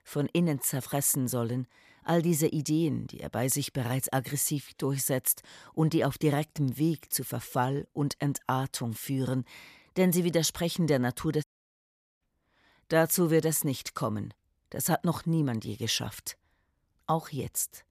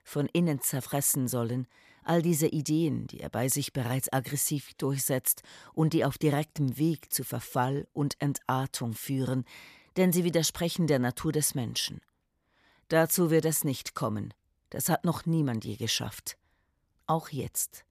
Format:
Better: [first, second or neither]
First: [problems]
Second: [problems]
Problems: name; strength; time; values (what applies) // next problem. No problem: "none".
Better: second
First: audio cutting out; at 11 s for 1 s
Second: none